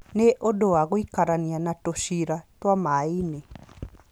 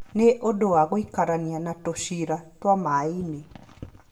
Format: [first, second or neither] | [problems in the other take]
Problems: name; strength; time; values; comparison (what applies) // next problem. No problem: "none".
first | room echo; dies away in 0.5 s